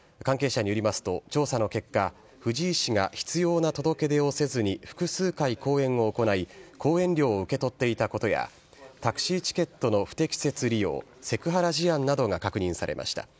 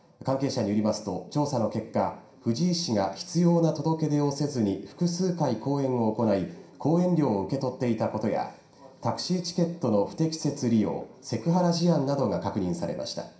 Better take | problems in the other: first | room echo; dies away in 0.5 s

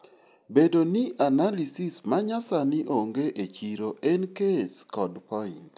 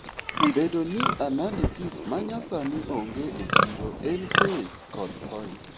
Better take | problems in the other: first | background sound (Livestock, farm animals, working animals); 2 dB above the speech

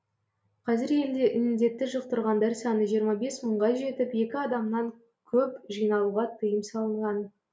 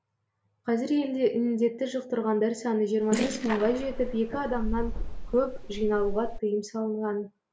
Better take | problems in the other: first | noise reduction (neural mask model Resemble Enhance denoiser)

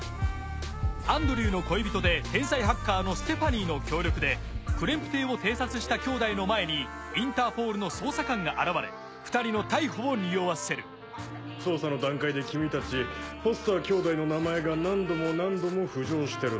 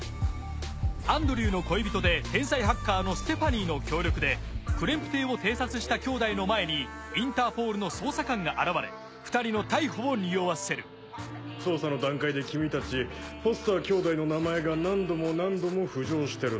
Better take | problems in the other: second | background sound (Trumpet); 15 dB below the speech

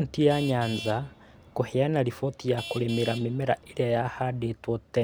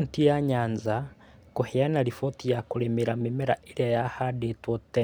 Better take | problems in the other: second | background sound (Traffic noise, roadway noise / Vehicle horn, car horn, honking); 17 dB below the speech

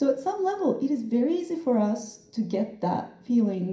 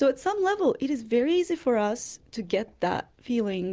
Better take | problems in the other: second | room echo; dies away in 0.5 s

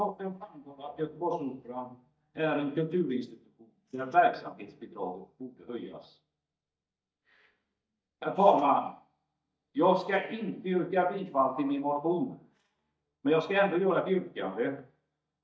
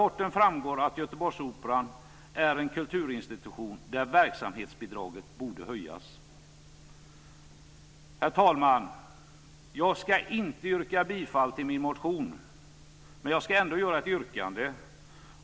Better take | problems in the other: second | noise reduction (neural mask model DeepFilterNet 3)

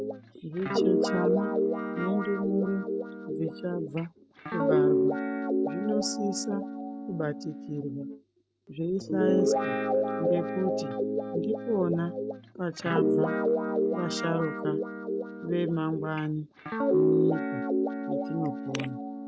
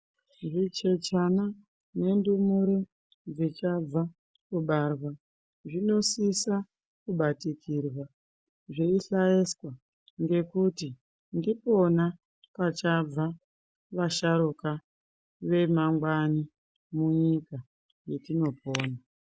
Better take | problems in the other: second | background sound (Guitar); 3 dB above the speech

